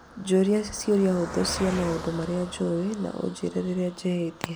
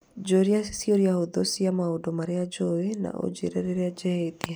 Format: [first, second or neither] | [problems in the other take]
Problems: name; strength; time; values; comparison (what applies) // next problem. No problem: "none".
second | background sound (Car passing by); 13 dB below the speech